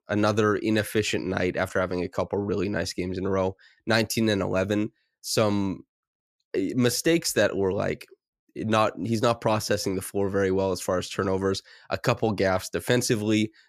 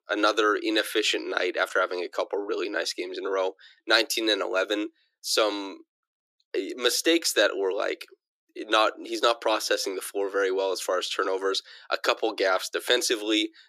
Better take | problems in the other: first | thin; very; fading below 300 Hz

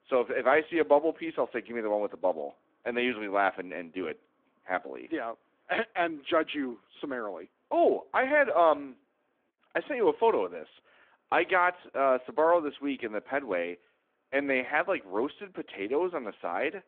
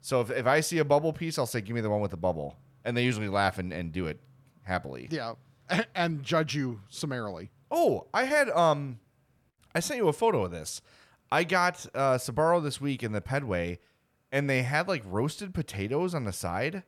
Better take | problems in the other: second | phone-call audio

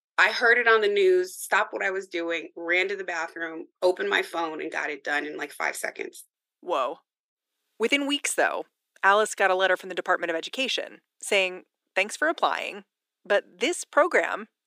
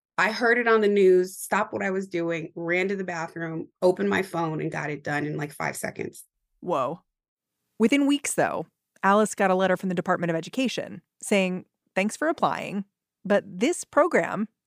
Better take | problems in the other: second | thin; somewhat; fading below 350 Hz

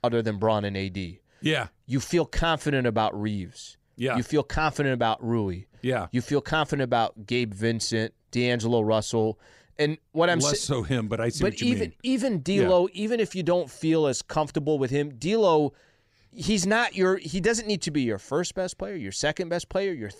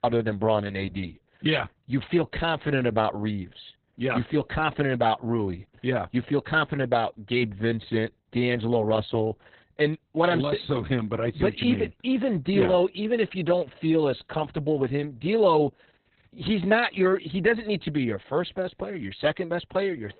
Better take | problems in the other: first | garbled, watery; badly; nothing above 4 kHz

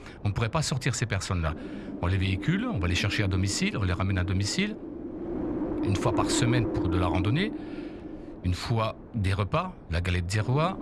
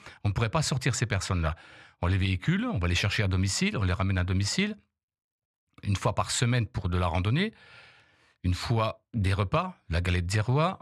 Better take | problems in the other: second | wind noise on the microphone; heavy; 6 dB below the speech

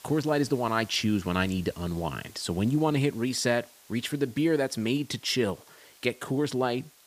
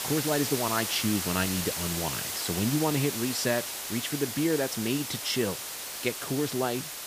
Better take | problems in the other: first | hiss; loud; throughout; 2 dB below the speech; faint in the first

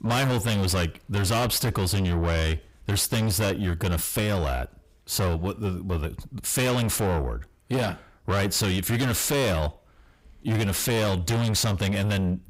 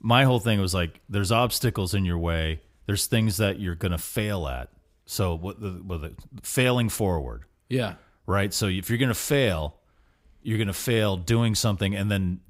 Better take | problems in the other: second | distortion; heavy; 6 dB below the speech

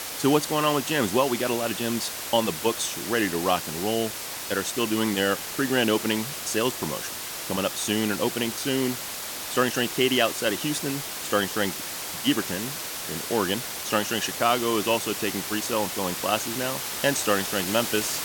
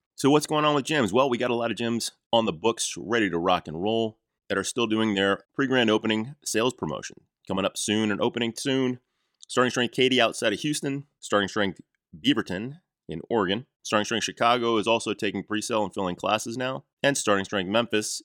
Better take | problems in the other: second | hiss; loud; throughout; 5 dB below the speech

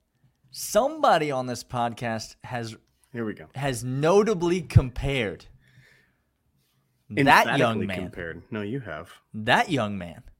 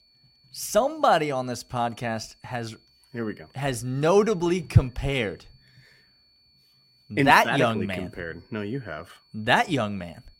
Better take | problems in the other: first | high-pitched whine; faint; throughout; 4.5 kHz, 35 dB below the speech

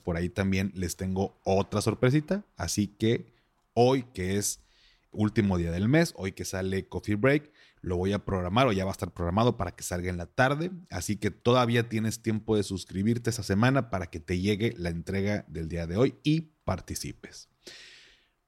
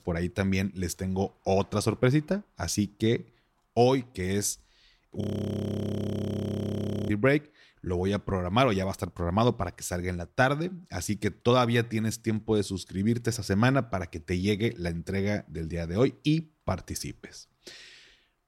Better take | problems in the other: first | audio freezing; at 5 s for 2 s

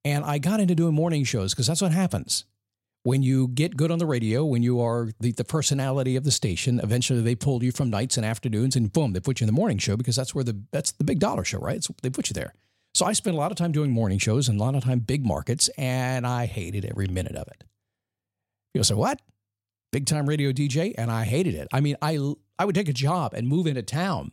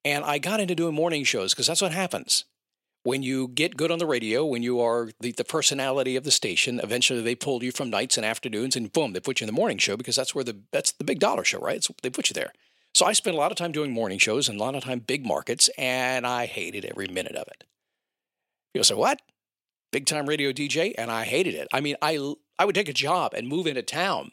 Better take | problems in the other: first | thin; somewhat; fading below 400 Hz

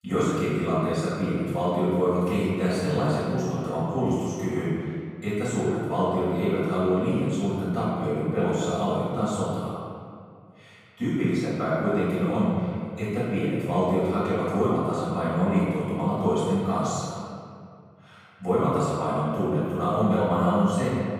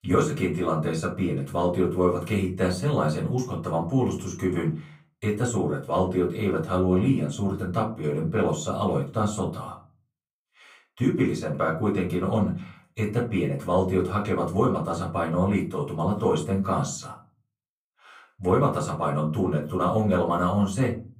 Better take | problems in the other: second | room echo; strong; dies away in 2 s; slight in the second // off-mic speech; far; far in the second

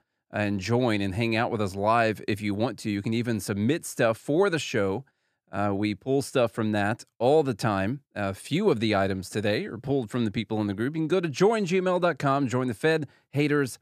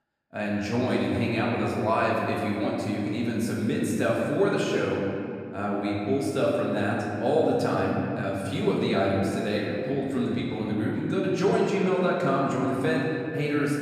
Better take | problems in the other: first | room echo; noticeable; dies away in 2.3 s // off-mic speech; far

